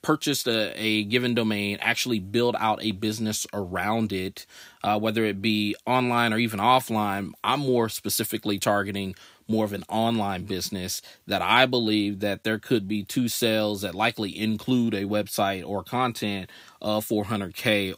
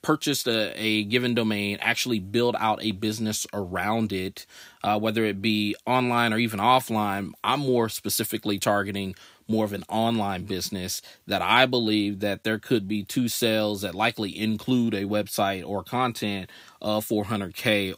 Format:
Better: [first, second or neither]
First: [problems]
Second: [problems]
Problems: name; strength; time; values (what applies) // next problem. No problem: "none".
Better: neither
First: none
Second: none